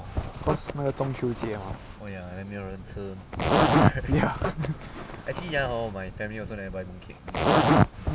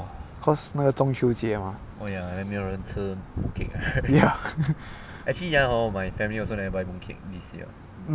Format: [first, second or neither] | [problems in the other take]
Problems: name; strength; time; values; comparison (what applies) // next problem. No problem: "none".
second | background sound (Zipper (clothing)); 4 dB above the speech